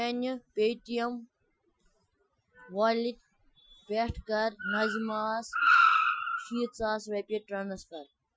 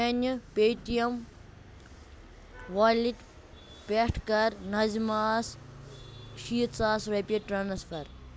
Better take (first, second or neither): second